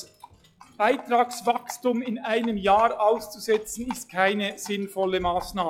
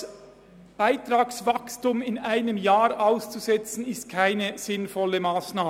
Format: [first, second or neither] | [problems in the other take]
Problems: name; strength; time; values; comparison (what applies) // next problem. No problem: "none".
second | noise reduction (classical method log-MMSE)